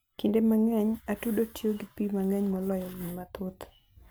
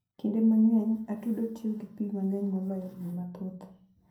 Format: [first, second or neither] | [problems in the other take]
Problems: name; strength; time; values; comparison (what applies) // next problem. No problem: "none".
first | room echo; dies away in 0.6 s